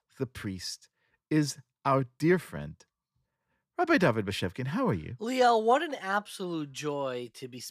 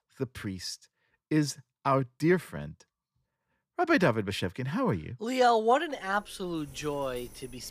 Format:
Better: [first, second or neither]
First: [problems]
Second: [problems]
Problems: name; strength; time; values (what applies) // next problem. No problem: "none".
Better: first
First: none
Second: animal sounds; very faint; from 6 s on; 25 dB below the speech